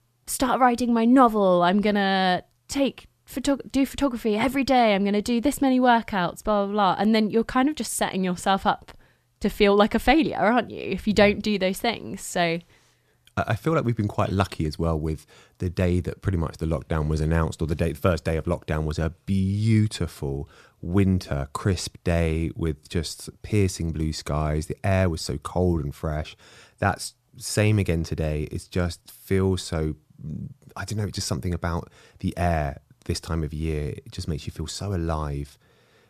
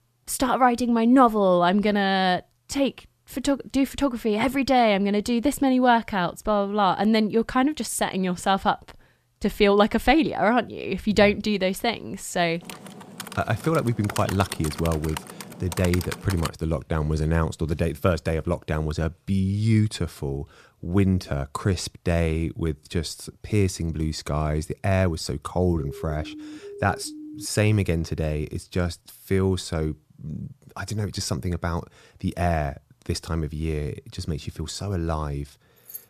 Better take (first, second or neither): first